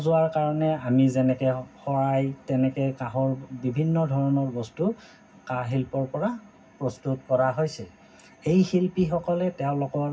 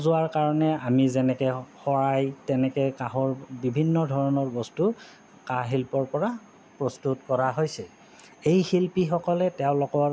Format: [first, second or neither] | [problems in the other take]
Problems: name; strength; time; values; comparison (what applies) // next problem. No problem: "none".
second | room echo; dies away in 0.4 s